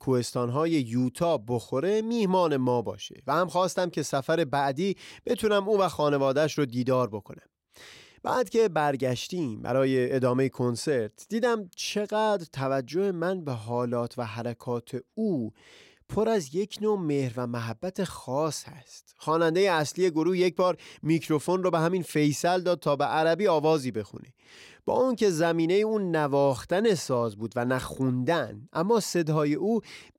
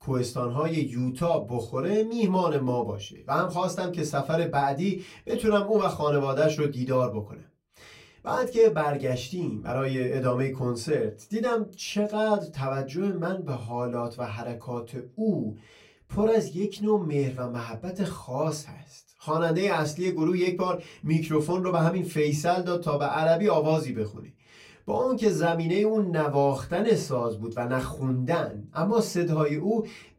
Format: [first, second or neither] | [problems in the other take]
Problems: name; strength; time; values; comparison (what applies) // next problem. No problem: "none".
first | off-mic speech; far // room echo; very slight; dies away in 0.2 s